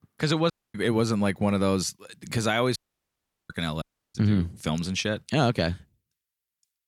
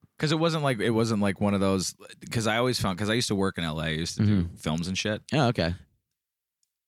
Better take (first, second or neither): second